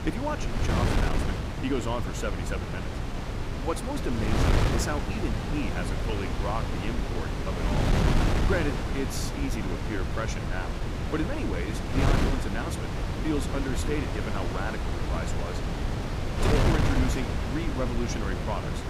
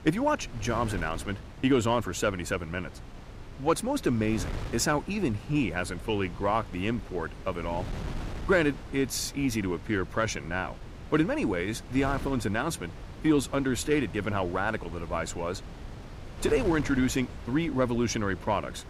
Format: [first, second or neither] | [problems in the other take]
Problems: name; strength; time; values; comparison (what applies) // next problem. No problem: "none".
second | wind noise on the microphone; heavy; 1 dB above the speech; occasional gusts in the second